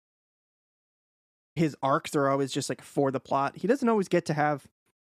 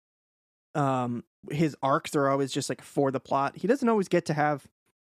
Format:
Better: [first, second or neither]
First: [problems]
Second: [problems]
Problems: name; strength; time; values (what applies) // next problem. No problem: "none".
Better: second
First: audio cutting out; at 0.5 s for 1 s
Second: none